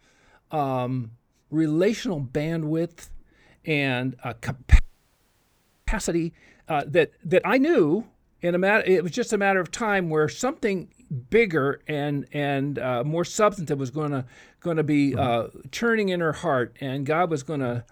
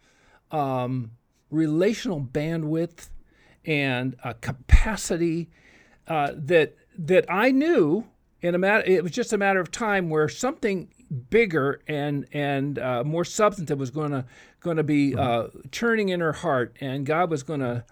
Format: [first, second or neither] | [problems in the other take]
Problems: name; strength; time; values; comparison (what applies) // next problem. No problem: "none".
second | audio freezing; at 5 s for 1 s